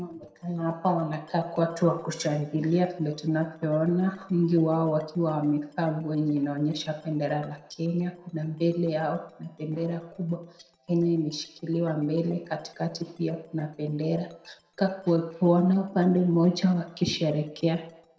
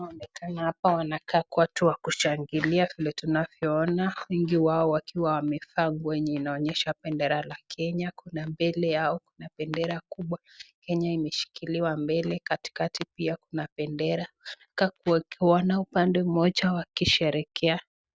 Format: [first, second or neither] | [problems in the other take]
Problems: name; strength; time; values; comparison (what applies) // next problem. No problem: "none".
second | noise reduction (neural separator model SepFormer DNS4)